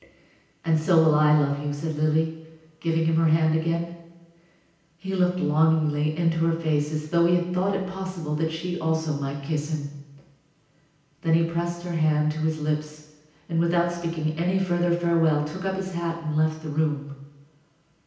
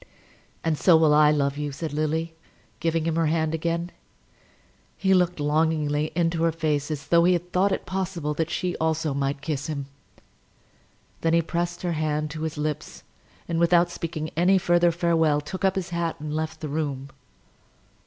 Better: second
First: room echo; dies away in 0.9 s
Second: none

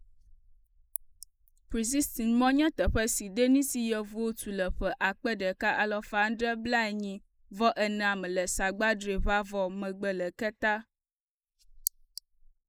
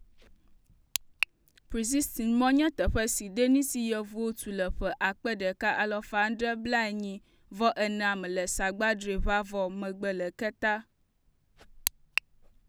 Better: second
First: noise reduction (neural mask model Resemble Enhance denoiser)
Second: none

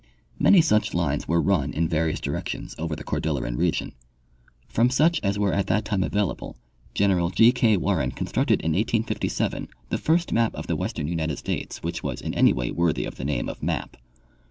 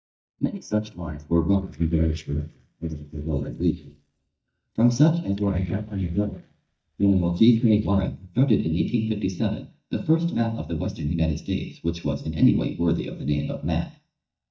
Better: first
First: none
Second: noise reduction (neural mask model DeepFilterNet 3)

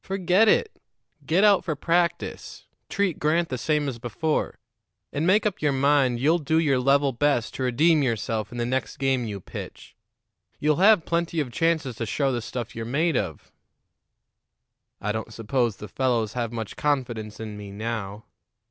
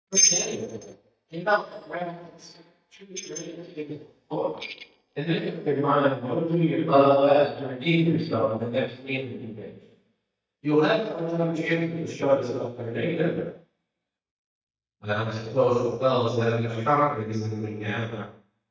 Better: first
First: none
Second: noise reduction (neural mask model DeepFilterNet 3)

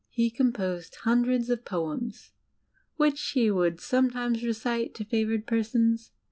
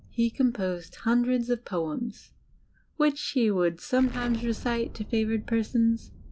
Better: first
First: none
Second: background sound (Explosion); 16 dB below the speech

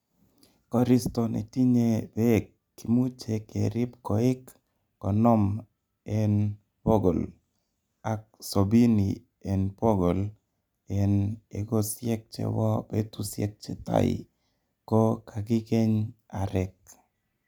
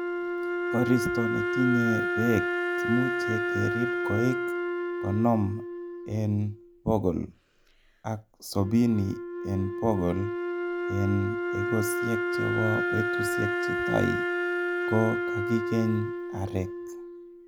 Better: first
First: none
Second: background sound (Wind instrument, woodwind instrument); 1 dB below the speech

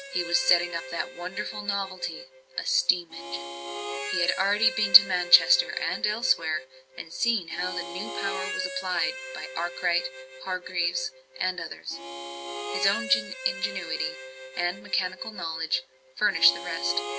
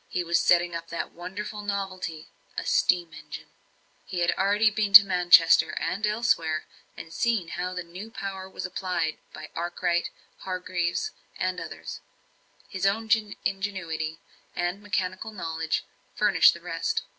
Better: second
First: background sound (Harmonica); 9 dB below the speech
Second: none

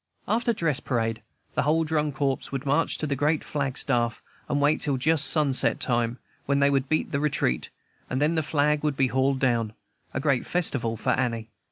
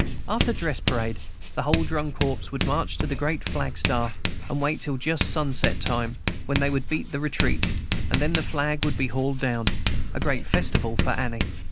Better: first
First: none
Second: background sound (Writing); 2 dB above the speech

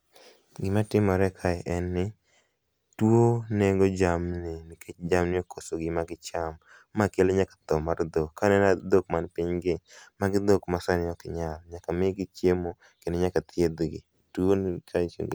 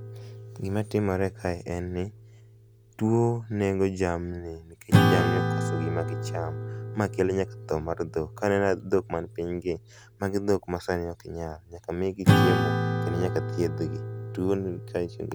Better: first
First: none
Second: background sound (Acoustic guitar / Strum); 1 dB below the speech

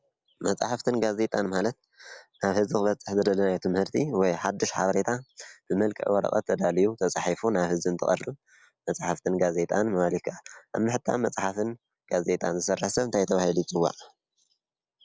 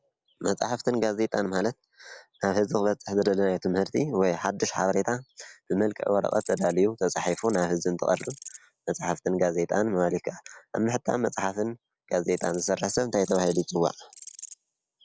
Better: first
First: none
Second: background sound (Insect); 20 dB below the speech

